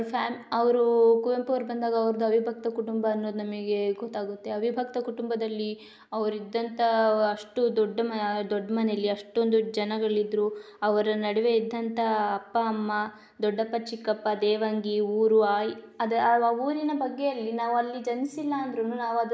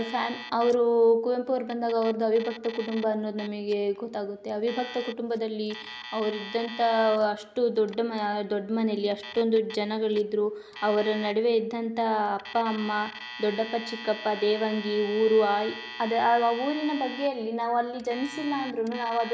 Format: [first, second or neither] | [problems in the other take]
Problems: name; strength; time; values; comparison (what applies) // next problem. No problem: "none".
first | background sound (Alarm); 16 dB below the speech